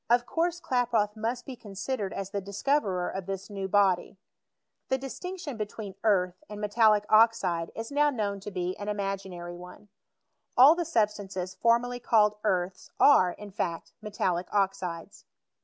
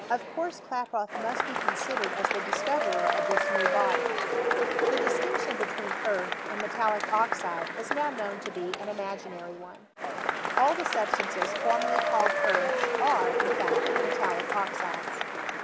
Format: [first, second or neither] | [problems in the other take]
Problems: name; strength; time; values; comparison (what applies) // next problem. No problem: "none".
first | background sound (Applause / Crowd / Cheering); 3 dB above the speech